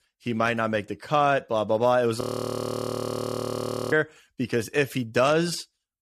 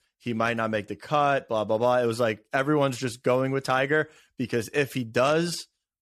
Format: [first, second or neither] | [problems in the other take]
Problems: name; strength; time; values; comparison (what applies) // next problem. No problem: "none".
second | audio freezing; at 2 s for 1.5 s